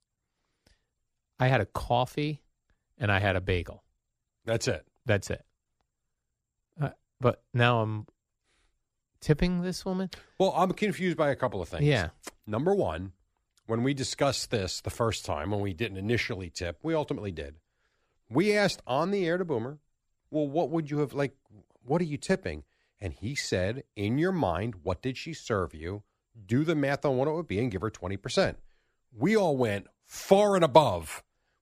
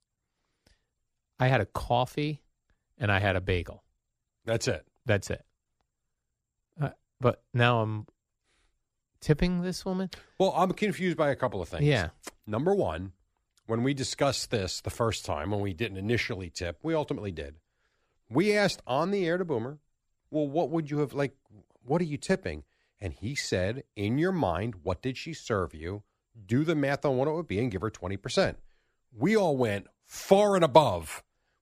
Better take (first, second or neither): neither